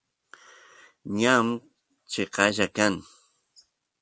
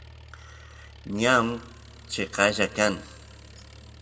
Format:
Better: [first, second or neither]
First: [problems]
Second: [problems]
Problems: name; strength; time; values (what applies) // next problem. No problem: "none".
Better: first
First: none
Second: background sound (Engine); 19 dB below the speech // room echo; dies away in 1.9 s